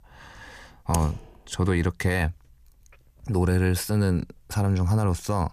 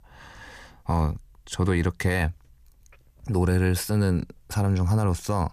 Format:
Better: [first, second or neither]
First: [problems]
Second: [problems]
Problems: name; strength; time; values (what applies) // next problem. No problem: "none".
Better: second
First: keyboard typing; noticeable; at 1 s; peak 9 dB below the speech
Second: none